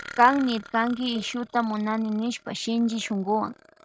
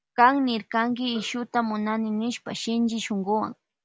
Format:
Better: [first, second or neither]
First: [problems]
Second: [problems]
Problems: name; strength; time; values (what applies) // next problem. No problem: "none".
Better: second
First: noise reduction (neural mask model RNNoise)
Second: none